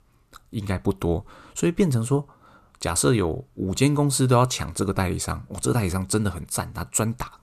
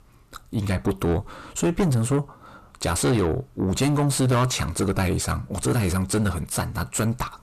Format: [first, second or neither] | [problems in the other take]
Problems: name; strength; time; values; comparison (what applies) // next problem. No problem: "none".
first | distortion; heavy; 7 dB below the speech